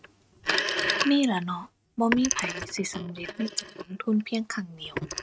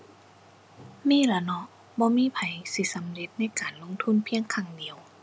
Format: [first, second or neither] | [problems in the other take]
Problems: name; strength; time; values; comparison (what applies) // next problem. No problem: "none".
second | noise reduction (neural mask model RNNoise)